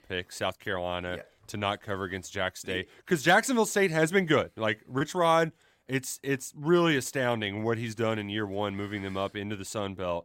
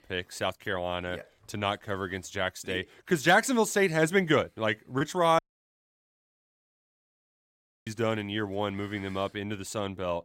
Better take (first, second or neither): first